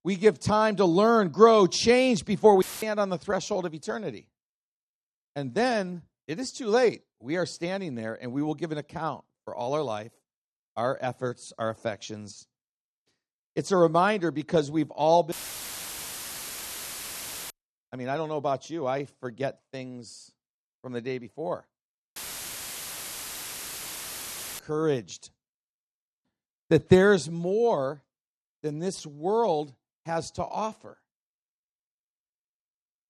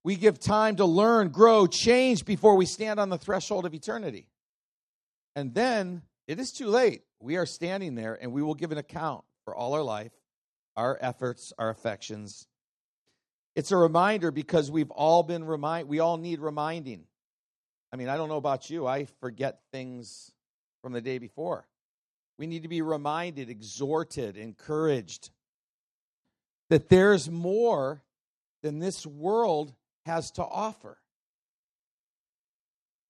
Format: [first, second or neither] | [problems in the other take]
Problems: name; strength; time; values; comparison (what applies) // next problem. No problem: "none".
second | audio cutting out; filled with static; at 2.5 s, at 15 s for 2 s and at 22 s for 2.5 s